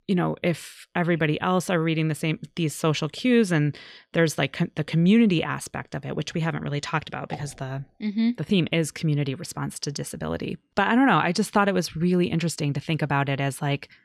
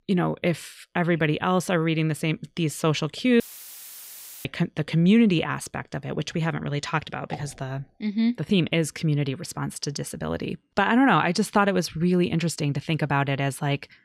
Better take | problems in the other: first | audio cutting out; filled with static; at 3.5 s for 1 s

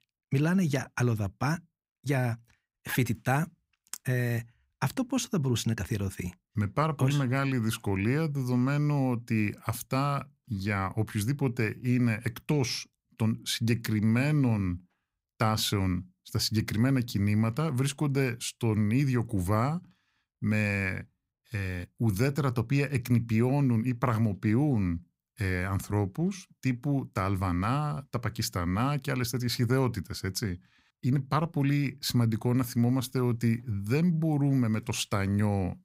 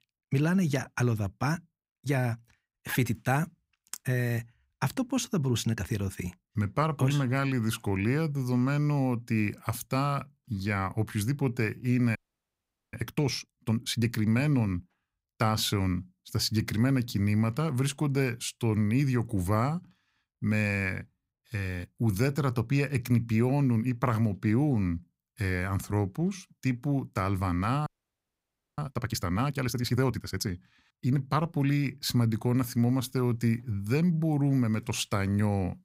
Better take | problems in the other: first | audio freezing; at 12 s for 1 s and at 28 s for 1 s

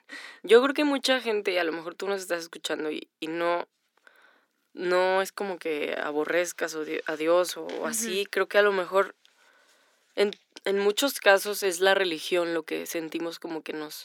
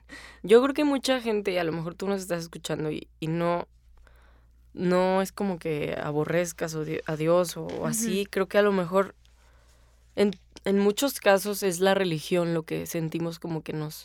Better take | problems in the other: second | thin; somewhat; fading below 250 Hz

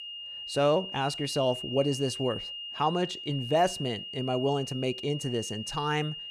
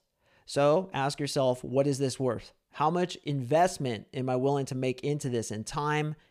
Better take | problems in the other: second | high-pitched whine; loud; throughout; 3 kHz, 8 dB below the speech

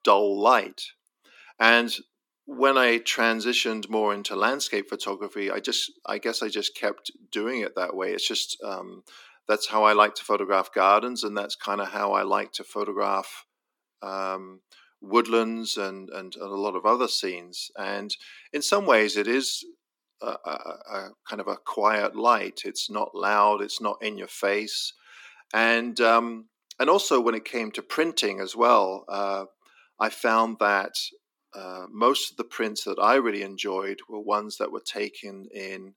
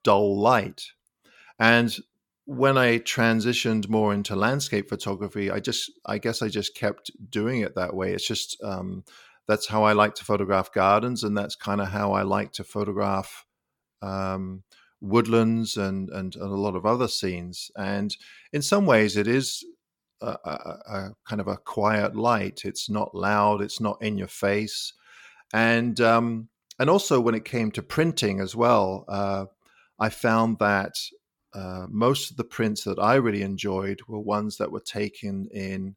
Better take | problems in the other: second | thin; somewhat; fading below 250 Hz

